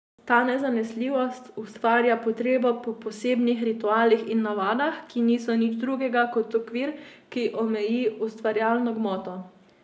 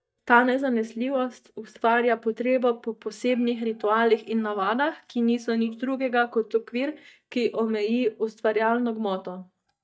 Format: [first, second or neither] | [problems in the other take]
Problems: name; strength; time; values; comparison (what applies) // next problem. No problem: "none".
first | noise reduction (neural mask model DeepFilterNet 3)